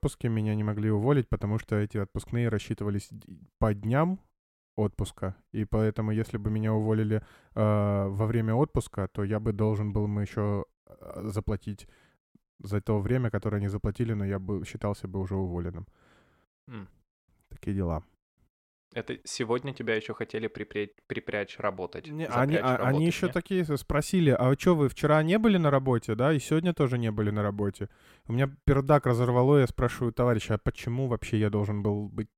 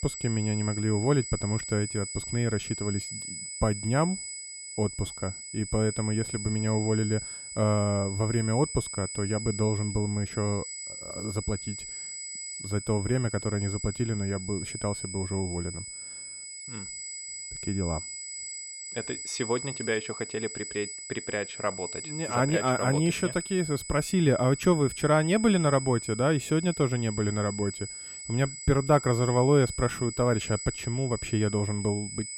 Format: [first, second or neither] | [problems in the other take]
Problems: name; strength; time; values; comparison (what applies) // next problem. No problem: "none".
first | high-pitched whine; loud; throughout; 8 kHz, 8 dB below the speech